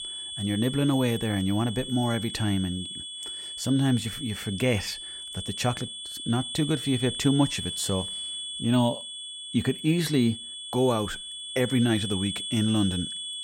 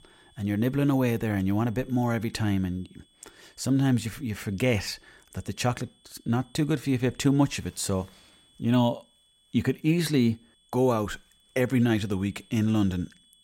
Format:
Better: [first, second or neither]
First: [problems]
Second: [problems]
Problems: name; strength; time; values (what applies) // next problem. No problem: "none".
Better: second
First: high-pitched whine; loud; throughout; 3.5 kHz, 7 dB below the speech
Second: high-pitched whine; faint; throughout; 3.5 kHz, 35 dB below the speech